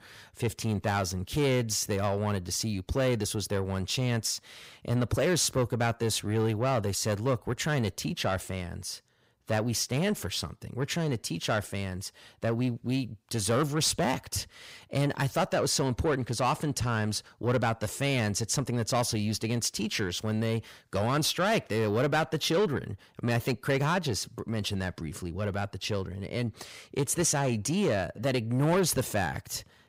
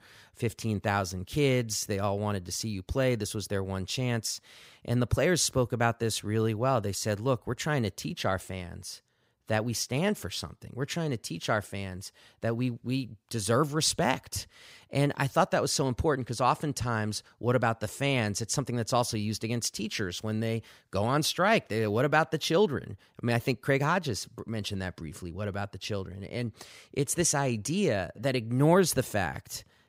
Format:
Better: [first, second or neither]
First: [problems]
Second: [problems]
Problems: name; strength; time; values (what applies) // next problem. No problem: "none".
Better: second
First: distortion; slight; 10 dB below the speech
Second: none